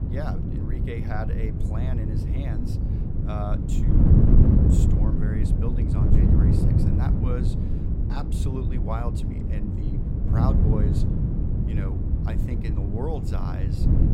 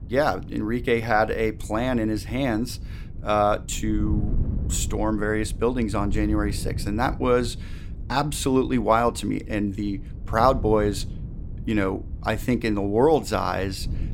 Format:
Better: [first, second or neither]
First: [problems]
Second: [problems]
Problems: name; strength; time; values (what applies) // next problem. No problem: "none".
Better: second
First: wind noise on the microphone; heavy; 3 dB above the speech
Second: wind noise on the microphone; occasional gusts; 20 dB below the speech